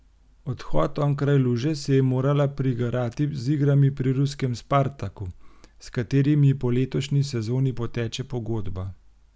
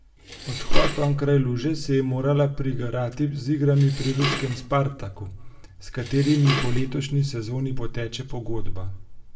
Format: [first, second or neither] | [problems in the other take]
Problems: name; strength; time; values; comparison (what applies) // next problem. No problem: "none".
first | background sound (Dishes, pots, and pans); 12 dB below the speech // room echo; dies away in 0.6 s